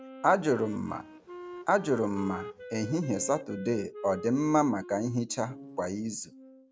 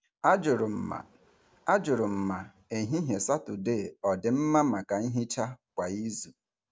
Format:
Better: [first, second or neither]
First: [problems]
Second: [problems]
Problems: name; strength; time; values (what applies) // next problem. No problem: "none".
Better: second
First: background sound (Wind instrument, woodwind instrument + Piano); 15 dB below the speech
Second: none